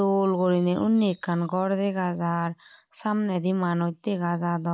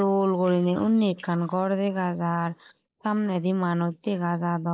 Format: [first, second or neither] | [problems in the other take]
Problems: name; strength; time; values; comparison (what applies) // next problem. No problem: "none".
first | noise reduction (neural mask model Resemble Enhance denoiser)